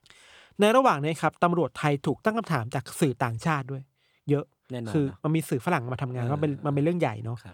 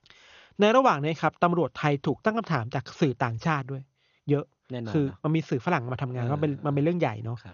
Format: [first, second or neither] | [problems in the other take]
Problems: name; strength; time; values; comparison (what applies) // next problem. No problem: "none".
first | garbled, watery; slightly; nothing above 6.5 kHz